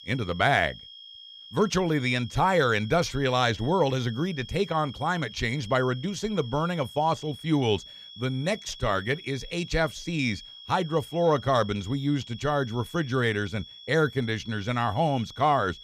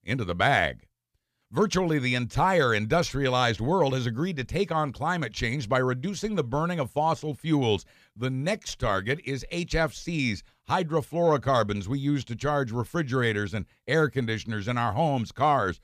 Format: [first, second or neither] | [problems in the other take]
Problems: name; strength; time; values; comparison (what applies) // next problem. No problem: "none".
second | high-pitched whine; noticeable; throughout; 3.5 kHz, 15 dB below the speech